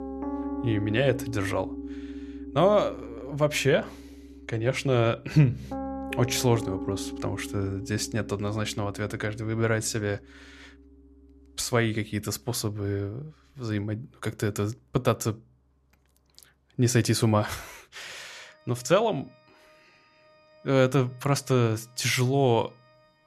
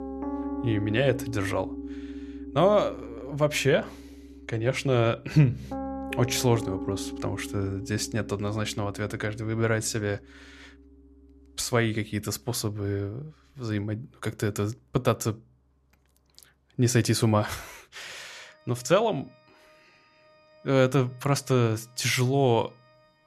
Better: neither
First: background music; noticeable; throughout; 10 dB below the speech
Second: background music; noticeable; throughout; 10 dB below the speech

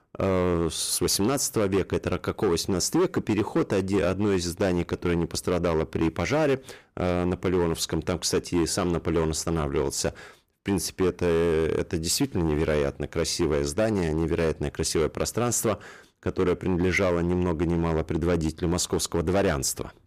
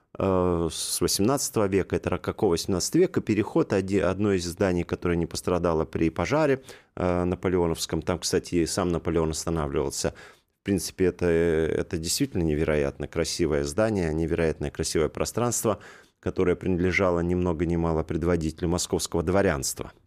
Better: second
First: distortion; slight; 10% of the sound clipped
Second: none

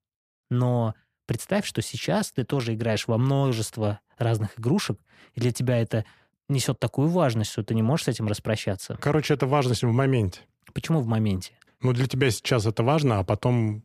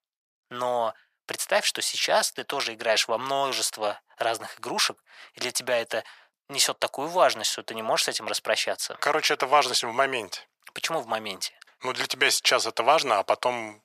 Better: first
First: none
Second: thin; very; fading below 900 Hz

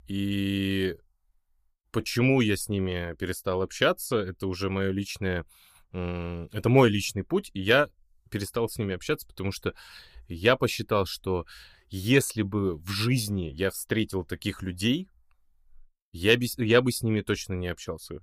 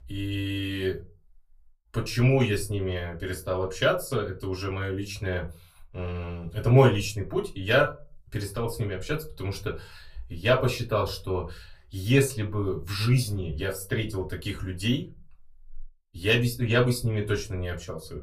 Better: first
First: none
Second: off-mic speech; far // room echo; very slight; dies away in 0.2 s

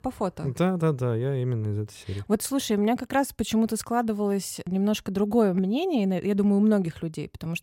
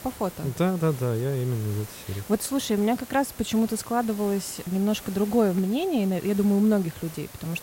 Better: first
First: none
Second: hiss; noticeable; throughout; 15 dB below the speech

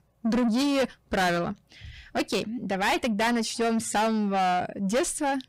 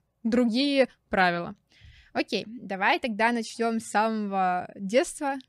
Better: second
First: distortion; heavy; 6 dB below the speech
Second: none

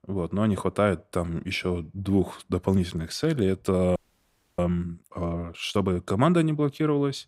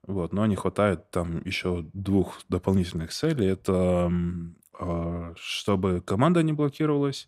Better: second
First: audio freezing; at 4 s for 0.5 s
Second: none

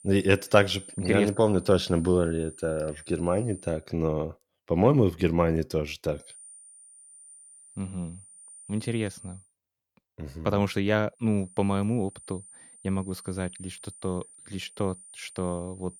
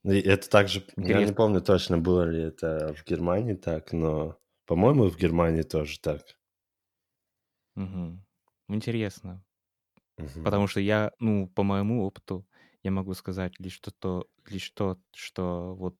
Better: second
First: high-pitched whine; noticeable; until 4 s, from 6.5 to 9.5 s and from 11 s on; 9 kHz, 20 dB below the speech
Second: none

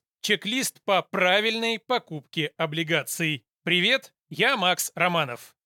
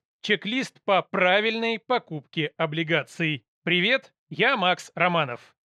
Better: first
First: none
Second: muffled; slightly; fading above 3 kHz

